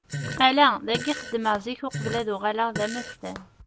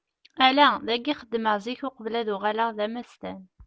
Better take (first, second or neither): second